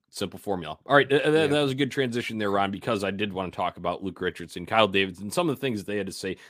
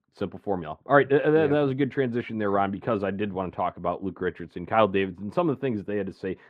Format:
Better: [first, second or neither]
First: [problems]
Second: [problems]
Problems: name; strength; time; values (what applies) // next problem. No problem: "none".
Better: first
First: none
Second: muffled; very; fading above 4 kHz